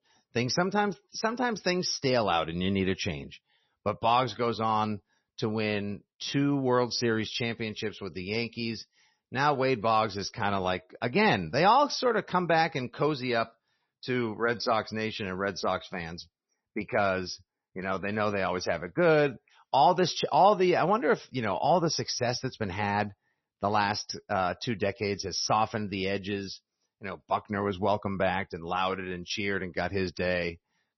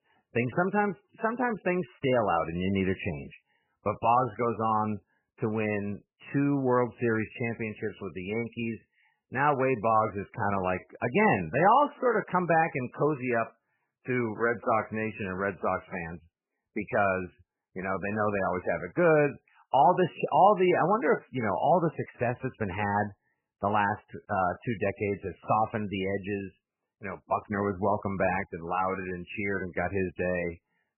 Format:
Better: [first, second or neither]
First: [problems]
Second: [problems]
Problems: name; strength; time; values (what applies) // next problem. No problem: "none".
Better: first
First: garbled, watery; slightly; nothing above 6 kHz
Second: garbled, watery; badly; nothing above 3 kHz